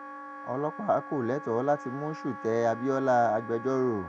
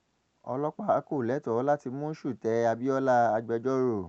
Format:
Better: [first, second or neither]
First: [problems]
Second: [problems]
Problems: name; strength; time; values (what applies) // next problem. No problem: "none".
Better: second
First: background sound (Wind instrument, woodwind instrument); 13 dB below the speech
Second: none